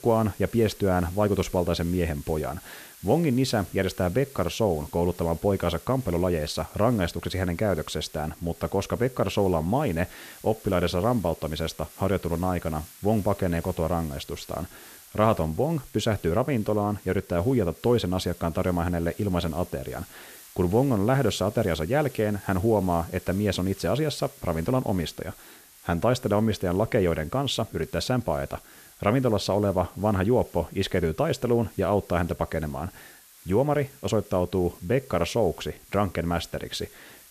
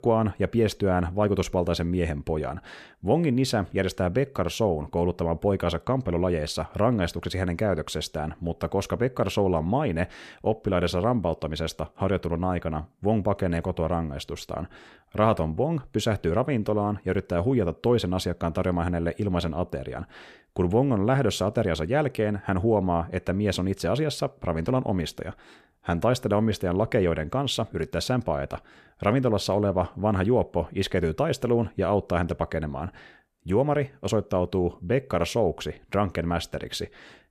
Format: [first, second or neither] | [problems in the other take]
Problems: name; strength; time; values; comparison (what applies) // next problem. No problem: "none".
second | hiss; faint; throughout; 20 dB below the speech